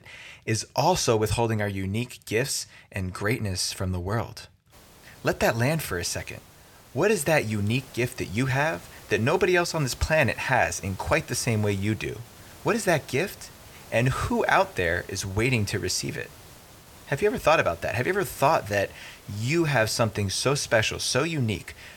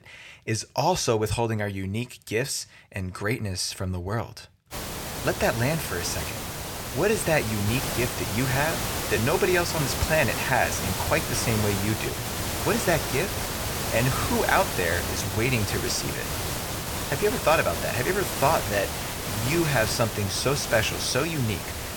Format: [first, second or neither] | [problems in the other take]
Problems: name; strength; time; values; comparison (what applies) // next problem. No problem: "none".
first | hiss; loud; from 4.5 s on; 3 dB below the speech; faint in the first